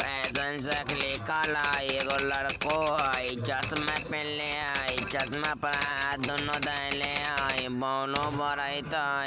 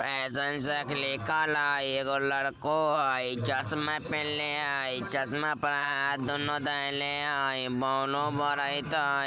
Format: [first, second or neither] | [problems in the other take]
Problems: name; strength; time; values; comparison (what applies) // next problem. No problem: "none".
second | background sound (Typewriter); 6 dB below the speech